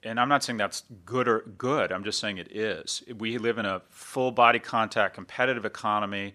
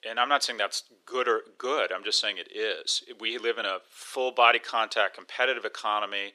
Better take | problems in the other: first | thin; somewhat; fading below 400 Hz

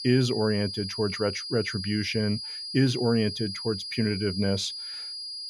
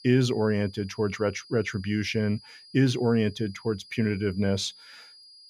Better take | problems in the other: second | high-pitched whine; loud; throughout; 5 kHz, 6 dB below the speech; faint in the second

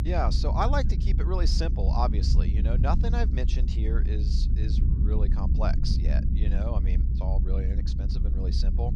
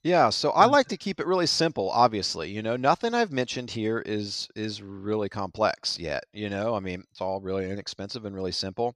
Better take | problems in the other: second | low rumble; loud; throughout; 8 dB below the speech

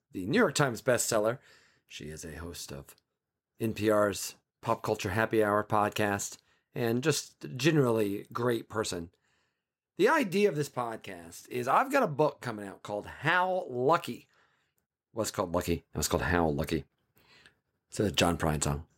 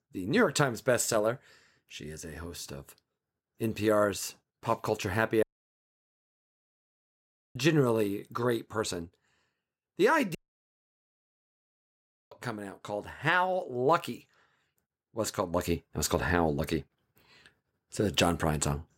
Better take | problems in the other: first | audio cutting out; at 5.5 s for 2 s and at 10 s for 2 s

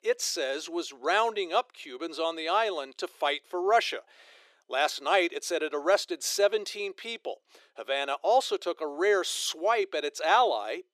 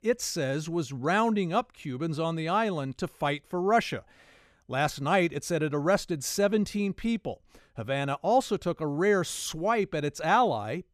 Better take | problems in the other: second | thin; very; fading below 350 Hz

